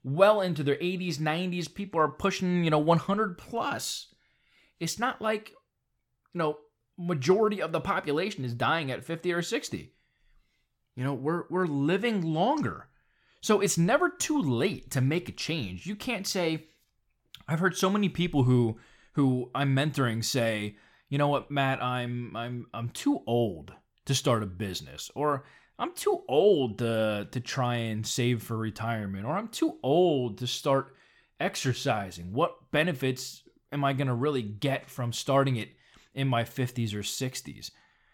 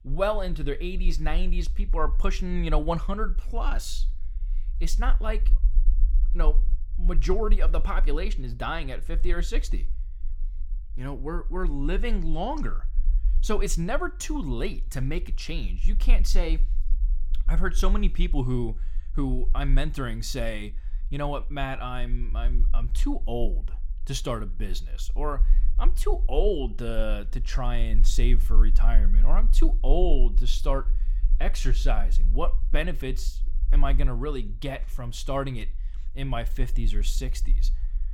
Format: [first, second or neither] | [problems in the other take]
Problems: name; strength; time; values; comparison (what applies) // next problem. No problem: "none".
first | low rumble; faint; throughout; 25 dB below the speech